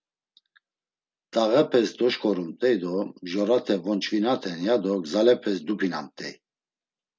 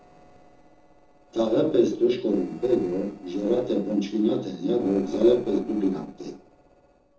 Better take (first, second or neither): first